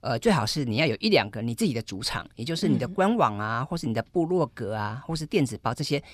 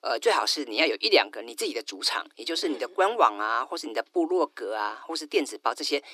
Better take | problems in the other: first | thin; very; fading below 300 Hz

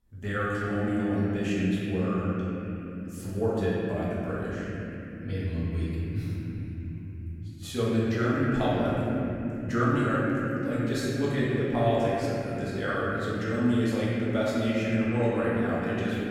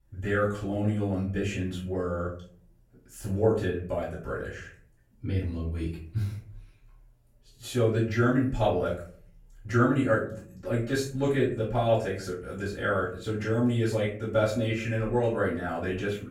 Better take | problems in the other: second | room echo; strong; dies away in 3 s; slight in the second // off-mic speech; far; far in the second

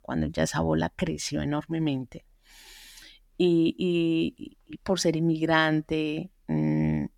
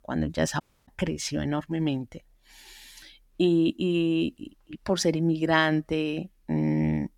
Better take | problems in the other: first | audio cutting out; at 0.5 s

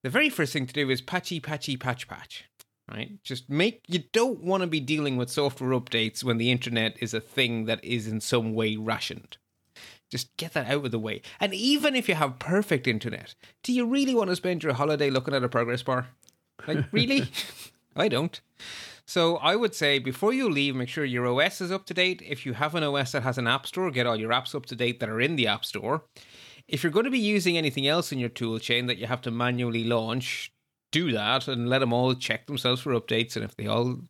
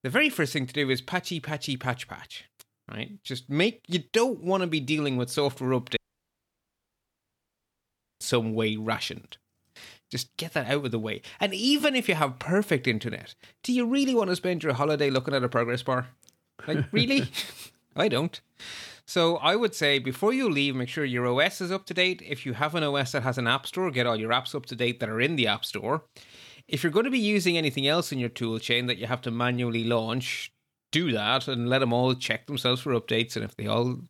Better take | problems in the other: first | audio cutting out; at 6 s for 2 s

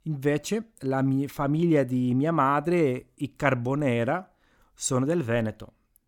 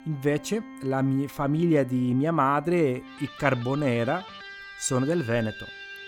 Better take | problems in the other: first | background music; noticeable; throughout; 15 dB below the speech

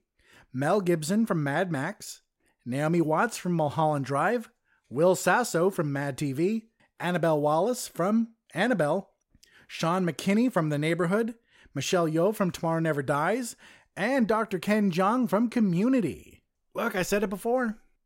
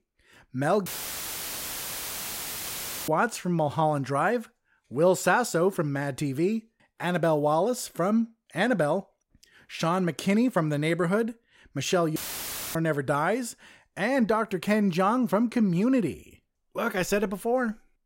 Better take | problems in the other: first | audio cutting out; filled with static; at 1 s for 2 s and at 12 s for 0.5 s

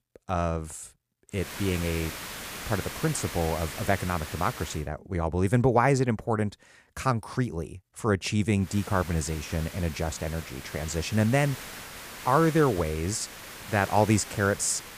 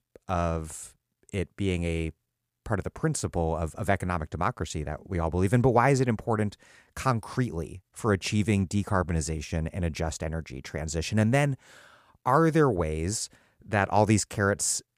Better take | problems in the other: second | hiss; noticeable; from 1.5 to 5 s and from 8.5 s on; 10 dB below the speech

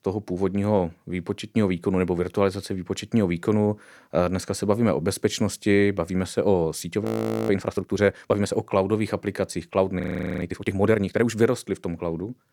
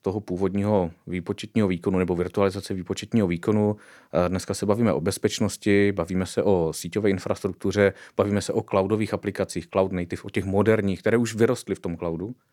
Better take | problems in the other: second | audio freezing; at 7 s and at 10 s

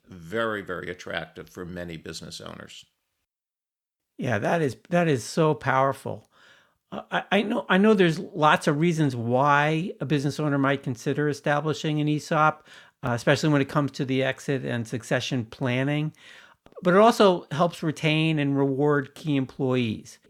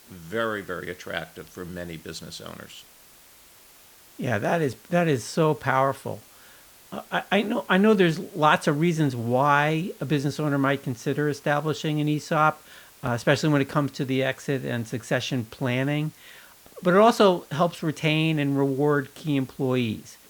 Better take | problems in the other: first | hiss; faint; throughout; 25 dB below the speech

